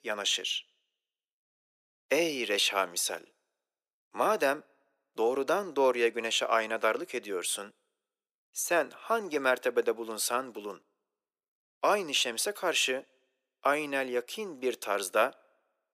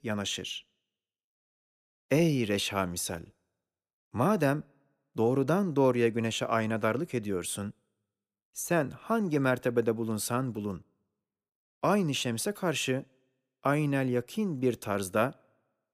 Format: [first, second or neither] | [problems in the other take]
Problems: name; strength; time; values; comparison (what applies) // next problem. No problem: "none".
second | thin; very; fading below 400 Hz